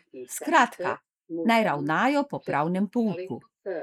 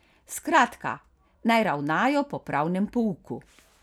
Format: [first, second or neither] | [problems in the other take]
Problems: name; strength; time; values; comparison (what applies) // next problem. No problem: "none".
second | noise reduction (neural mask model Resemble Enhance denoiser)